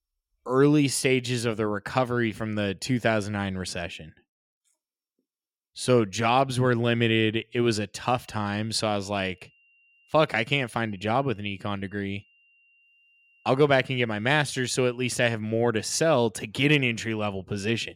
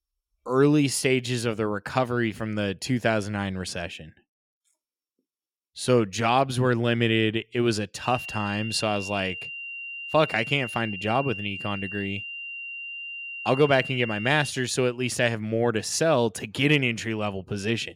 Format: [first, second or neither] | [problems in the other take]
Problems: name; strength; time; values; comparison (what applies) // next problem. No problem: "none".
first | high-pitched whine; loud; from 8 to 14 s; 3 kHz, 9 dB below the speech; faint in the first